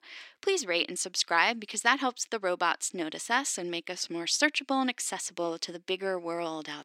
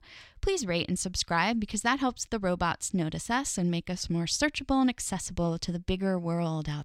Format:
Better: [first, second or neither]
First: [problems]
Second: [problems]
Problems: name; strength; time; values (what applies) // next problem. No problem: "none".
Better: second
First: thin; somewhat; fading below 300 Hz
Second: none